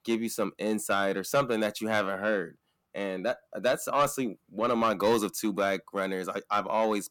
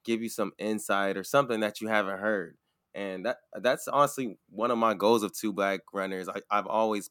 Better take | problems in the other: second | distortion; slight; 10 dB below the speech

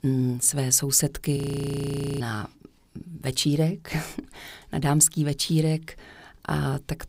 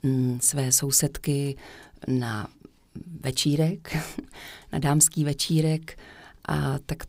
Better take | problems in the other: second | audio freezing; at 1.5 s for 1 s

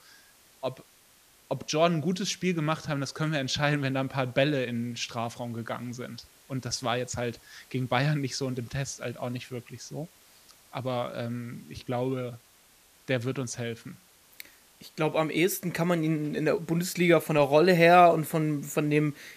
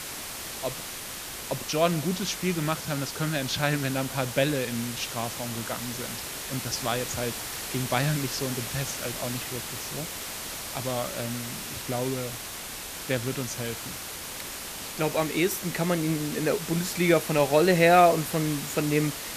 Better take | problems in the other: first | hiss; loud; throughout; 6 dB below the speech; faint in the first

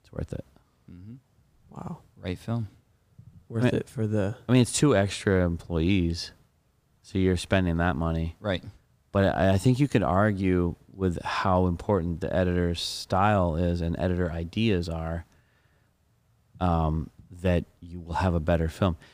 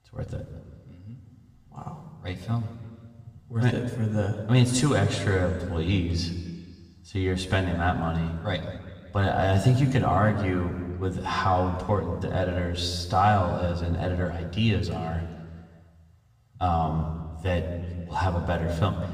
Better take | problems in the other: first | room echo; slight; dies away in 1.5 s // off-mic speech; somewhat distant

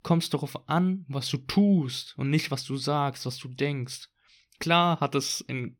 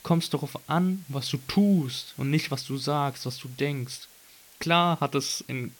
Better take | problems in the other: first | hiss; faint; throughout; 20 dB below the speech

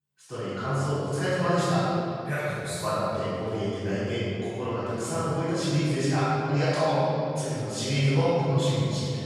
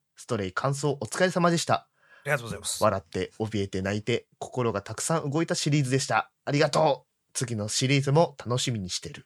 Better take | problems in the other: second | room echo; strong; dies away in 2.9 s // off-mic speech; far

